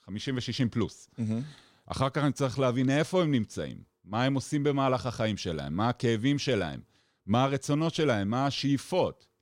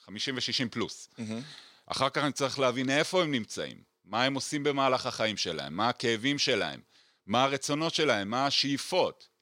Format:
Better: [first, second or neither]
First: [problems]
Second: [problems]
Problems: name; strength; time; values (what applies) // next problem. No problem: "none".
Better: first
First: none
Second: thin; very slightly; fading below 1 kHz